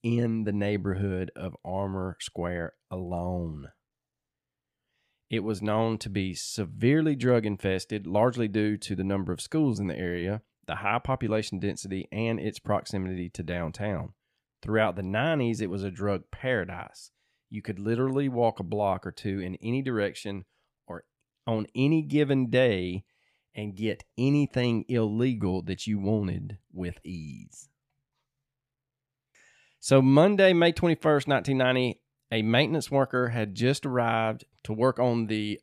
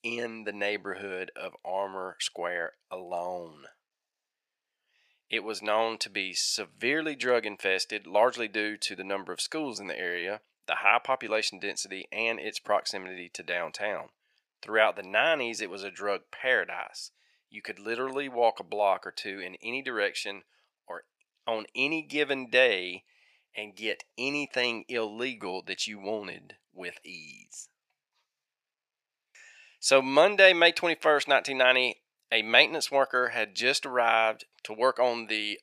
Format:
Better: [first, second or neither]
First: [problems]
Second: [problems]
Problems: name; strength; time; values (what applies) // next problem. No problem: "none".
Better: first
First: none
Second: thin; very; fading below 650 Hz